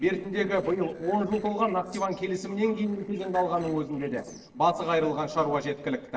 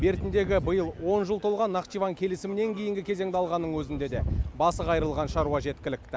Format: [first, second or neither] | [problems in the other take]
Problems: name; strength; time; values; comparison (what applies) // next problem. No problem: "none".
second | noise reduction (neural separator model SepFormer DNS4)